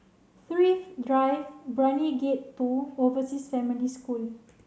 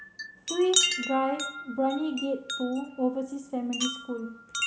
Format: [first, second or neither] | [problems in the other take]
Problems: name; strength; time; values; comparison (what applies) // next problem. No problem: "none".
first | background sound (Wind chime); 3 dB below the speech